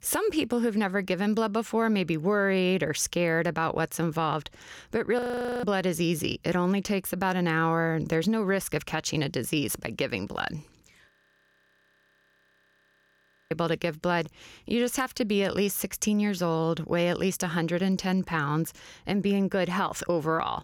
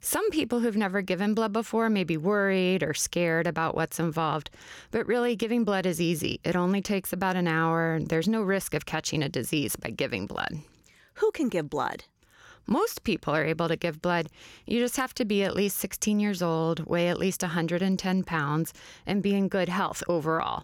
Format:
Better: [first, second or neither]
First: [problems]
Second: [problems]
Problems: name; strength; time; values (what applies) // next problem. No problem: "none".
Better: second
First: audio freezing; at 5 s and at 11 s for 2.5 s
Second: none